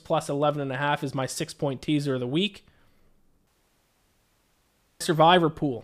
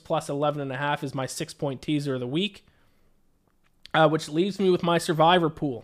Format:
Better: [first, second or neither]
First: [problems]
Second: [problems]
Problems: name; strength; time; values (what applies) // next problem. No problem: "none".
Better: second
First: audio cutting out; at 3.5 s for 1.5 s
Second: none